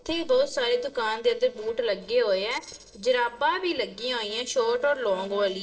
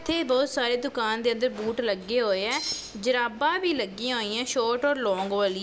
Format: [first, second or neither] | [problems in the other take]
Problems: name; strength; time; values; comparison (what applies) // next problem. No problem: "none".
second | noise reduction (neural separator model SepFormer DNS4)